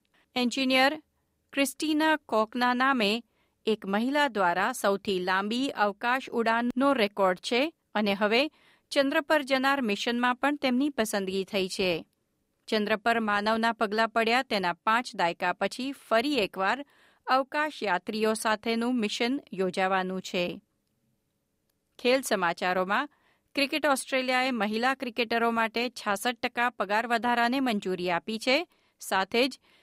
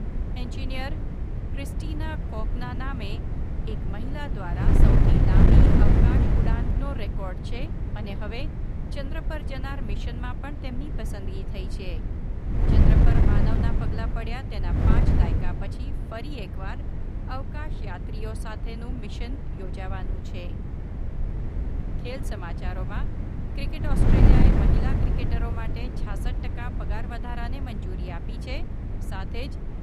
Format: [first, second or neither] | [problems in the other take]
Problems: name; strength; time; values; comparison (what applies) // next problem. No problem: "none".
first | wind noise on the microphone; heavy; 2 dB above the speech